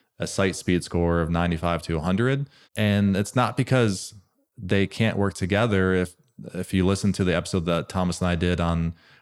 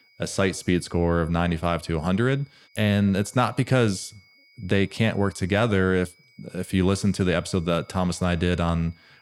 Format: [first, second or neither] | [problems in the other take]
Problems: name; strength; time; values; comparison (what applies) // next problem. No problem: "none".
first | high-pitched whine; faint; throughout; 2 kHz, 30 dB below the speech